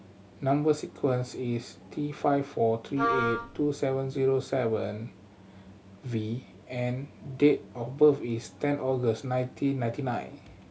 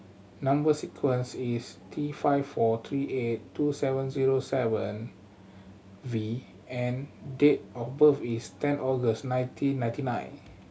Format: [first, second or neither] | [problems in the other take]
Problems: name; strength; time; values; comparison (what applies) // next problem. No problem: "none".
second | background sound (Wind instrument, woodwind instrument); 2 dB below the speech